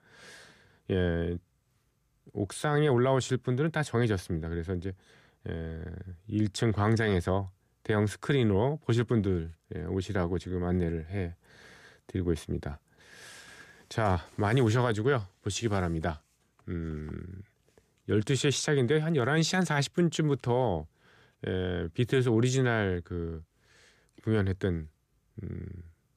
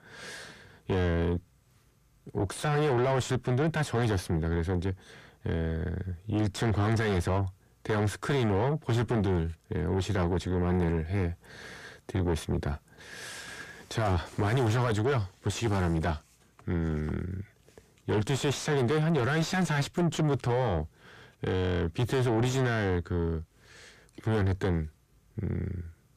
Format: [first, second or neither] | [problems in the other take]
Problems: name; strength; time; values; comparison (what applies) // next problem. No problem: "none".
first | distortion; heavy; 6 dB below the speech